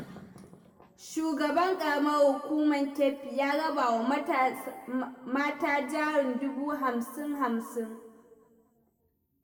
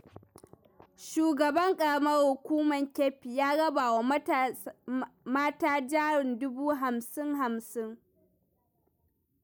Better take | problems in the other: second | room echo; dies away in 1.3 s

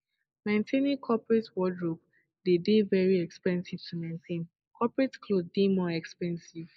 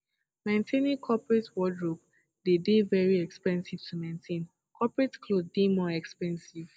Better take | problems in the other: second | noise reduction (neural mask model Resemble Enhance denoiser)

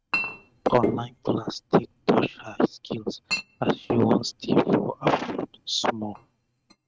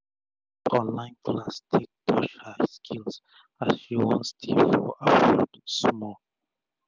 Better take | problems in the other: second | noise reduction (neural mask model RNNoise)

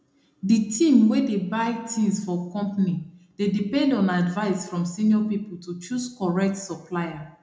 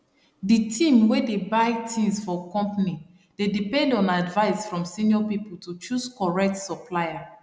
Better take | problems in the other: second | room echo; dies away in 0.3 s

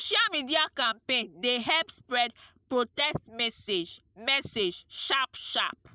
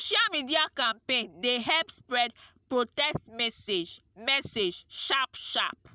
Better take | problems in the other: second | noise reduction (neural mask model Resemble Enhance denoiser)

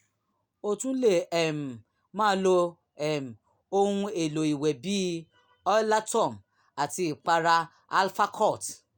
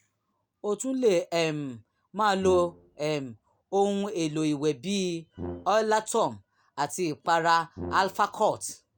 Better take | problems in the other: first | background sound (Brass instrument); 14 dB below the speech

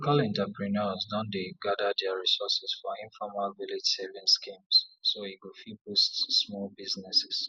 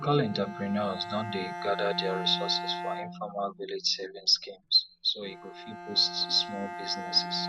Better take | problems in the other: first | background sound (Bowed string instrument); 9 dB below the speech

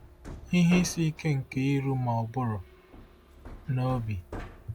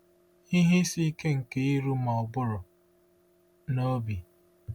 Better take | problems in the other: second | background sound (Hammer); 15 dB below the speech

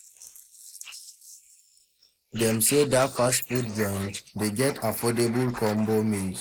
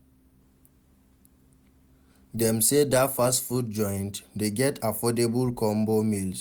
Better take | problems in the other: second | noise reduction (neural mask model Resemble Enhance denoiser)

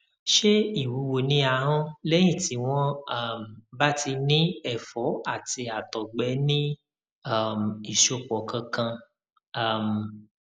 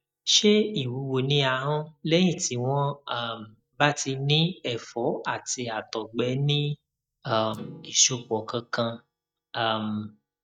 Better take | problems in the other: first | noise reduction (neural mask model DeepFilterNet 3)

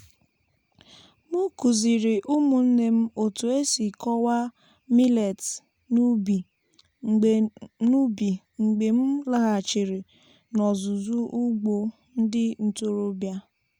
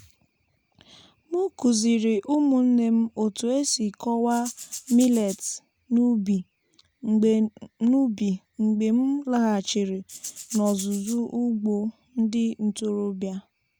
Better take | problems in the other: first | background sound (Rattle (instrument)); 14 dB below the speech

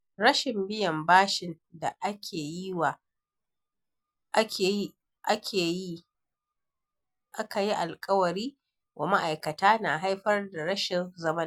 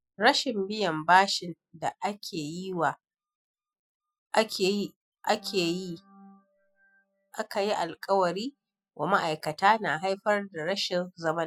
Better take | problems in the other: first | noise reduction (classical method spectral subtraction)

